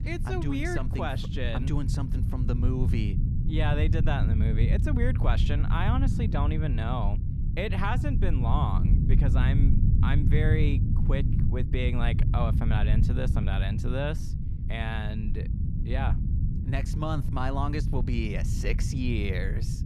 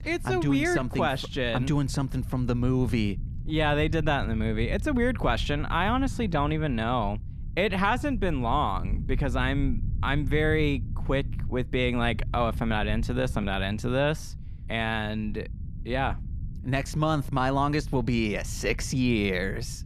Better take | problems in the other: second | low rumble; loud; throughout; 6 dB below the speech; faint in the second

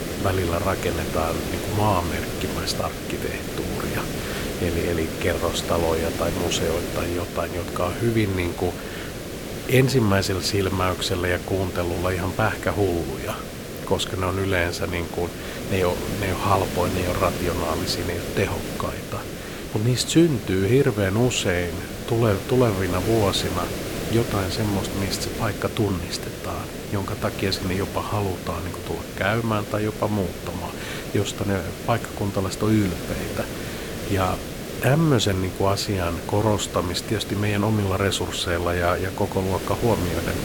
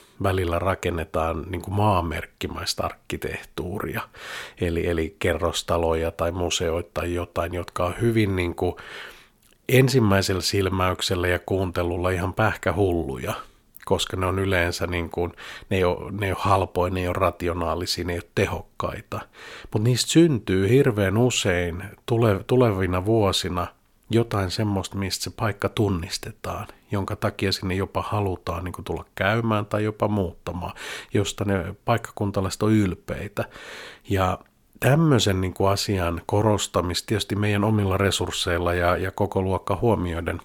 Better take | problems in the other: second | hiss; loud; throughout; 6 dB below the speech

